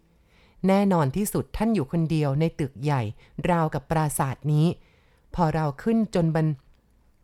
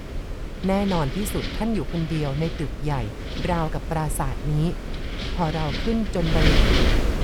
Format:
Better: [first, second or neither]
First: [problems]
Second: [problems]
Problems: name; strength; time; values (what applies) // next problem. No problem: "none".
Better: first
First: none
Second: wind noise on the microphone; heavy; 1 dB below the speech